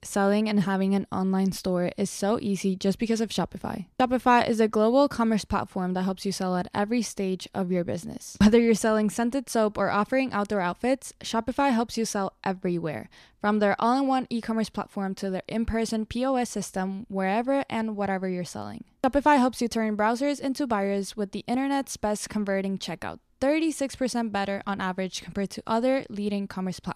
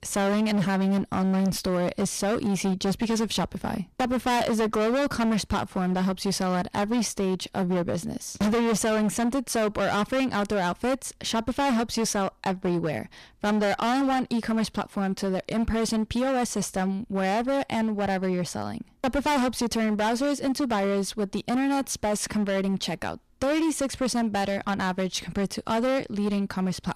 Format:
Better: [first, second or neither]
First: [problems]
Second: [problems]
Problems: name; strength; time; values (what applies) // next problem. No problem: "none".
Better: first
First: none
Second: distortion; heavy; 21% of the sound clipped